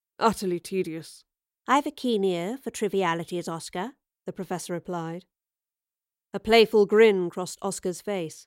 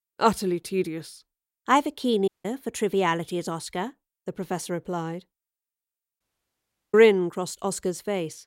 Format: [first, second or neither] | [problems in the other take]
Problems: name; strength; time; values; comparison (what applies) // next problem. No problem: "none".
first | audio cutting out; at 2.5 s and at 6 s for 0.5 s